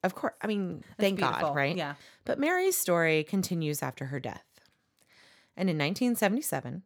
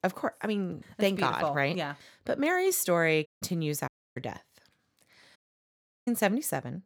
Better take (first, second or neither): first